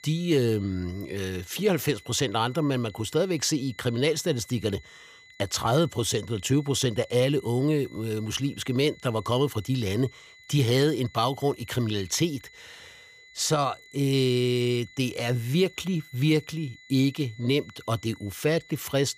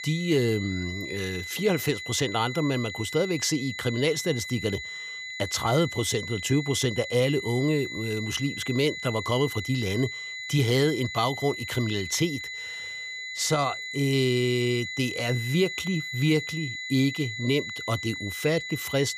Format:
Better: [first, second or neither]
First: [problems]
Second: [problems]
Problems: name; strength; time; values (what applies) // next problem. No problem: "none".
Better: first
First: high-pitched whine; faint; throughout; 2 kHz, 25 dB below the speech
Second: high-pitched whine; loud; throughout; 2 kHz, 7 dB below the speech